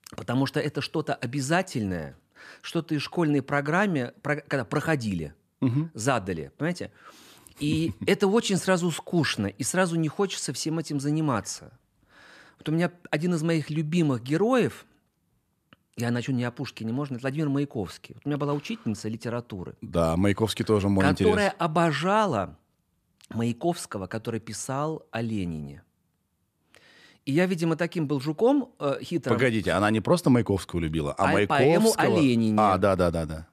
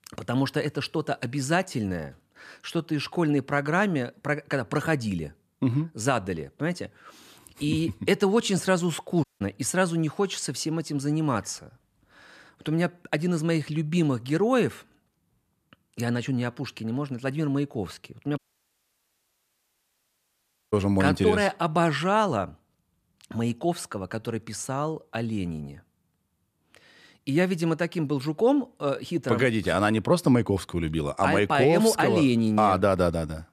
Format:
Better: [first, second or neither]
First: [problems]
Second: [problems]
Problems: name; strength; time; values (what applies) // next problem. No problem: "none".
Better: first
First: none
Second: audio cutting out; at 9 s and at 18 s for 2.5 s